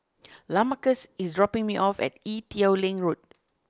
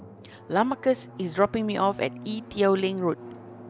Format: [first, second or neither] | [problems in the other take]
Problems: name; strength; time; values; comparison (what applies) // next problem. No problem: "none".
first | background sound (Drum); 17 dB below the speech